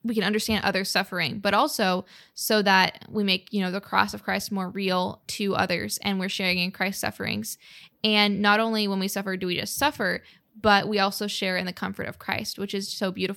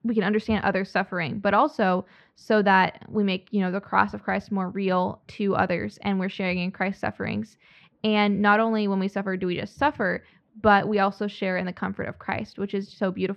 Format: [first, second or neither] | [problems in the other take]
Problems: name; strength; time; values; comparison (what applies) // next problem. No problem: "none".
first | muffled; very; fading above 1.5 kHz